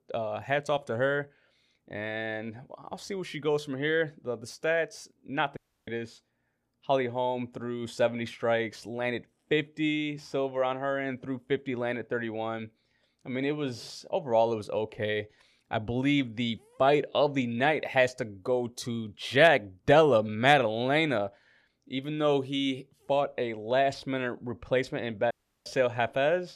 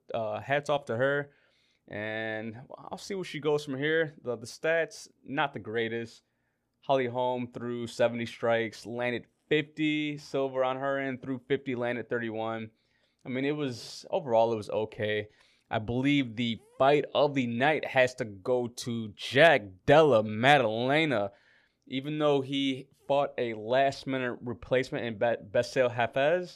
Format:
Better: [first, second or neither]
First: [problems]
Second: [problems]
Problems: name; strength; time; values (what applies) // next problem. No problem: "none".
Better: second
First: audio cutting out; at 5.5 s and at 25 s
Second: none